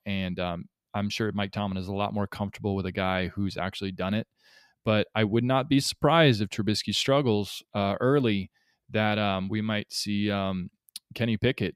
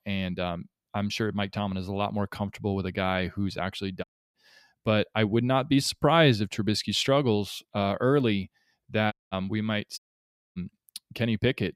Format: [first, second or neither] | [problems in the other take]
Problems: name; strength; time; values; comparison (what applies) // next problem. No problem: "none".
first | audio cutting out; at 4 s, at 9 s and at 10 s for 0.5 s